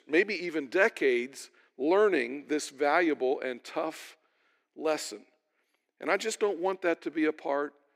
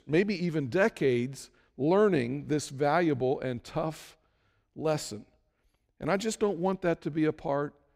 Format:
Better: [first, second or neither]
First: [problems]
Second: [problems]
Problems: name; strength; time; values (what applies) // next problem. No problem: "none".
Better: second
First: thin; somewhat; fading below 300 Hz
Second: none